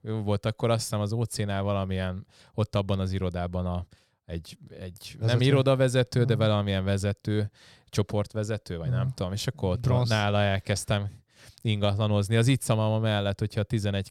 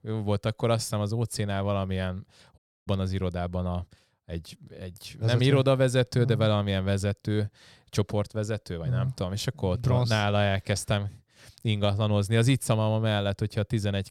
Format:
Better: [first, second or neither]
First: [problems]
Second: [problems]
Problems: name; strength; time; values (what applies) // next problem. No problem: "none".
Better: first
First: none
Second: audio cutting out; at 2.5 s